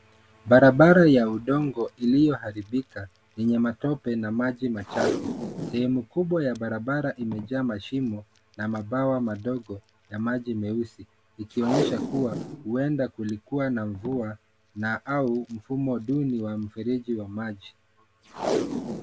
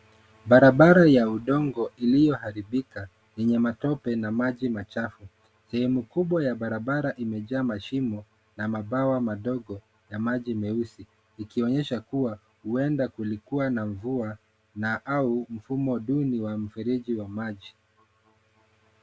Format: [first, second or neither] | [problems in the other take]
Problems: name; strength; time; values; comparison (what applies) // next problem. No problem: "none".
second | background sound (Packing tape, duct tape); 11 dB below the speech